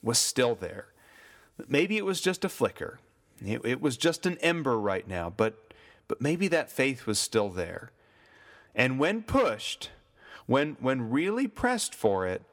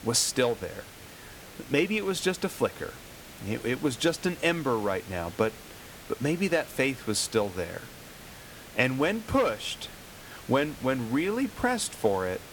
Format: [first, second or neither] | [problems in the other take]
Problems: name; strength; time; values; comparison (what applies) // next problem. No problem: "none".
first | hiss; noticeable; throughout; 15 dB below the speech